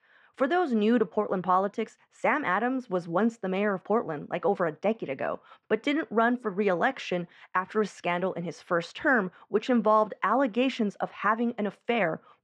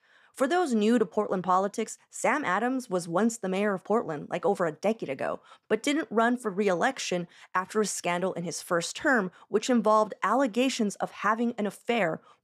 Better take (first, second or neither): second